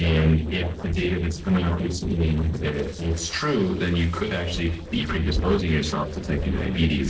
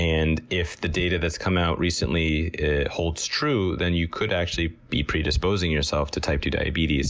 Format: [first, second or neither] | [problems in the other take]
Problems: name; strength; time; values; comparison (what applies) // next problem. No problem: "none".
second | noise reduction (neural separator model SepFormer DNS4)